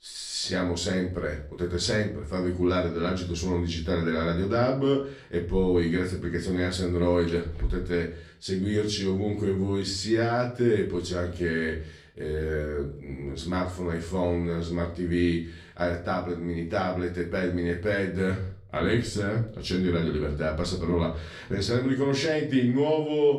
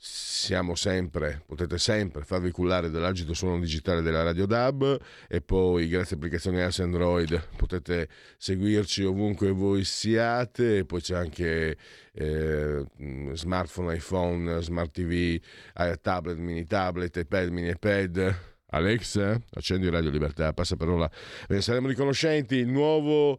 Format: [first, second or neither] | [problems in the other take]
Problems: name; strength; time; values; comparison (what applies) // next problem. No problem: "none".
second | room echo; slight; dies away in 0.4 s // off-mic speech; far